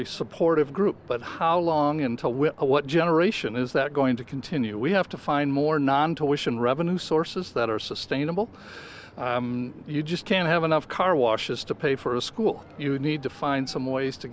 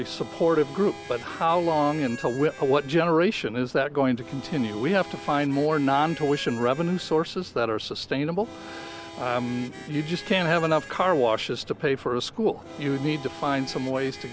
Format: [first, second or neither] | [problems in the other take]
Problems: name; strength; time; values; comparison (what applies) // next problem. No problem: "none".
first | background sound (Harmonica); 17 dB below the speech